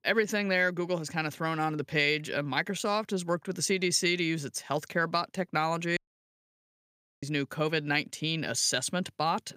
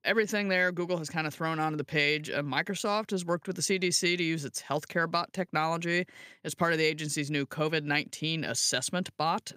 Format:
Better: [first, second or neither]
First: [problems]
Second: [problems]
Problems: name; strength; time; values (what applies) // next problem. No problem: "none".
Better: second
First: audio cutting out; at 6 s for 1.5 s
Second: none